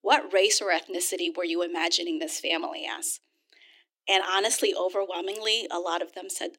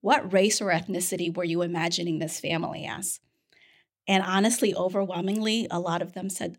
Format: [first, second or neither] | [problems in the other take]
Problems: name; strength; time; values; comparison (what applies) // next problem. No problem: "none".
second | thin; very; fading below 300 Hz